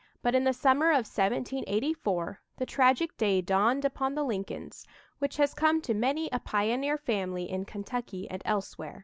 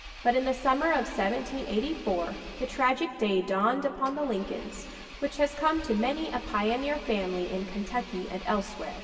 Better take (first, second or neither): first